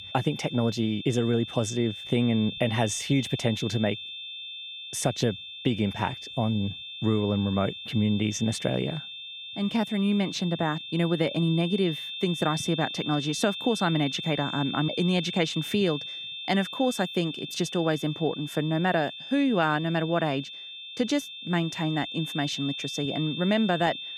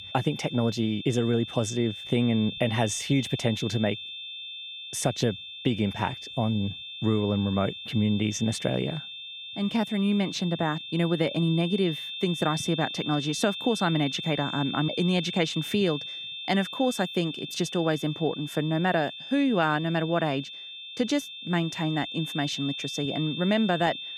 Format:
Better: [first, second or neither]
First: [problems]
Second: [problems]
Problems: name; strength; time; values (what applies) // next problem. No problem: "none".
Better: neither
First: high-pitched whine; loud; throughout; 3.5 kHz, 8 dB below the speech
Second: high-pitched whine; loud; throughout; 3.5 kHz, 8 dB below the speech